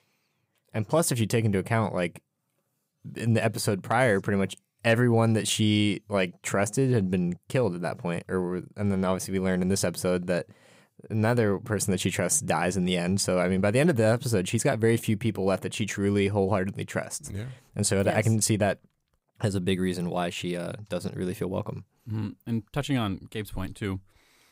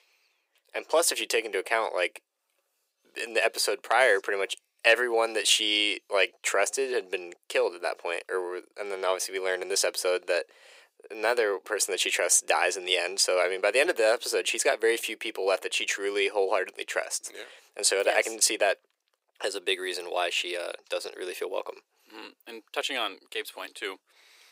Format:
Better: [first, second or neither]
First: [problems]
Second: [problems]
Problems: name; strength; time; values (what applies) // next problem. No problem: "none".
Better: first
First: none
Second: thin; very; fading below 400 Hz